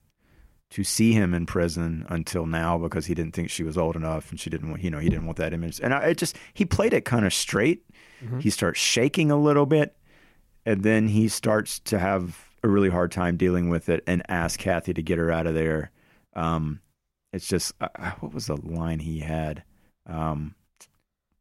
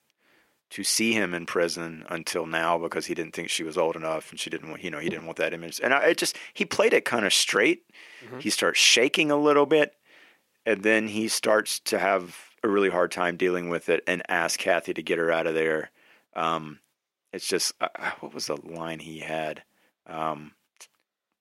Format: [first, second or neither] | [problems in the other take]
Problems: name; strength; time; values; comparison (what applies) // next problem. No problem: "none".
first | thin; somewhat; fading below 400 Hz